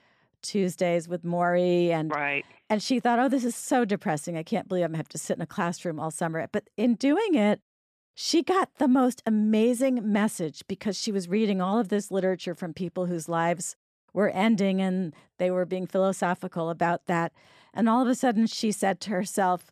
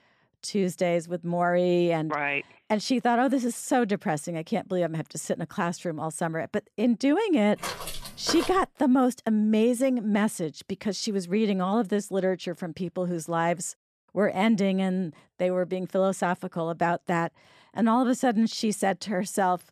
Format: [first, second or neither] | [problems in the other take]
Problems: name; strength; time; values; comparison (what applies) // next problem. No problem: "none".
first | footsteps; noticeable; from 7.5 to 8.5 s; peak 7 dB below the speech